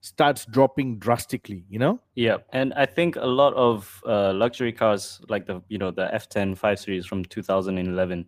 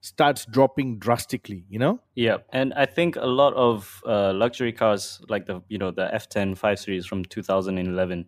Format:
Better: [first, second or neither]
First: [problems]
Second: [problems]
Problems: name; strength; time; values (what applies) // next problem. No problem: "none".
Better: second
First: garbled, watery; slightly; nothing above 15 kHz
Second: none